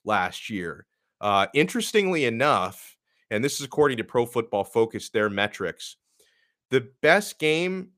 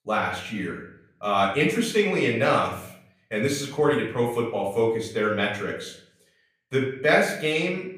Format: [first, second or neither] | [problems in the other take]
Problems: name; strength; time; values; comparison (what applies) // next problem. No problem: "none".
first | off-mic speech; far // room echo; slight; dies away in 0.6 s